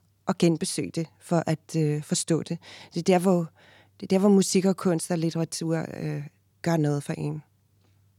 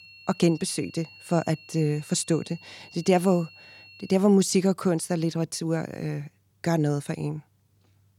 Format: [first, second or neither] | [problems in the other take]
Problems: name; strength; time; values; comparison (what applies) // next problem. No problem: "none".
first | high-pitched whine; faint; until 4 s; 2.5 kHz, 20 dB below the speech